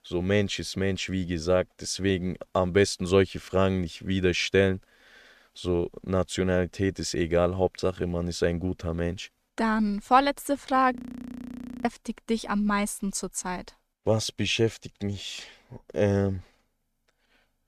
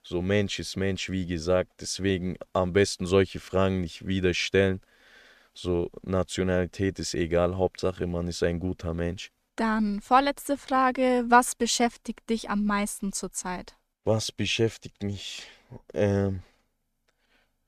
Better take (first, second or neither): second